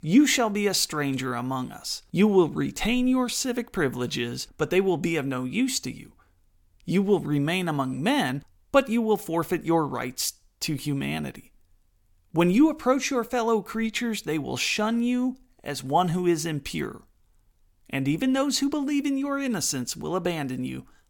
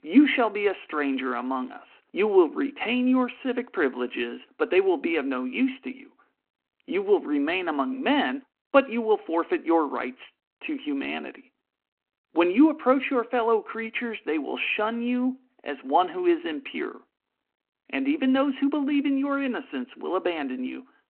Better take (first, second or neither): first